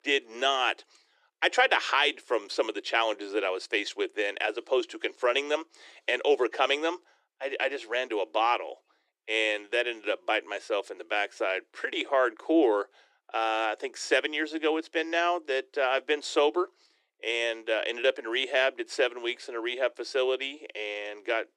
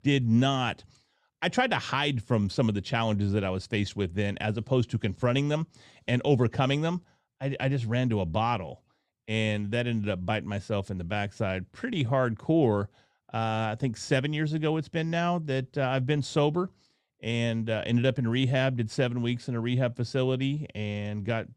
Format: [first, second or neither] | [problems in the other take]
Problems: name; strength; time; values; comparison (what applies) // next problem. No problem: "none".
second | thin; very; fading below 300 Hz